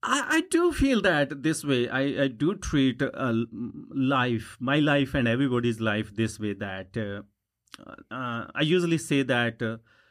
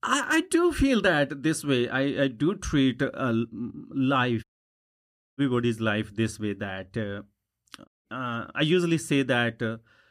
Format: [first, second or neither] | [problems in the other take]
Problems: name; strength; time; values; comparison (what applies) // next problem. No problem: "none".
first | audio cutting out; at 4.5 s for 1 s and at 8 s